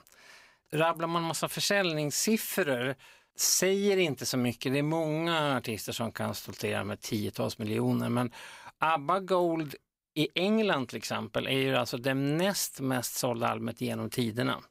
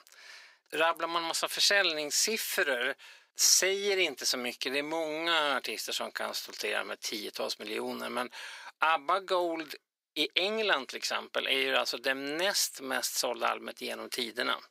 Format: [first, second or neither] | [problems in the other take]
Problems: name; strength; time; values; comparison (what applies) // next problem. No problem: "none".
first | thin; somewhat; fading below 350 Hz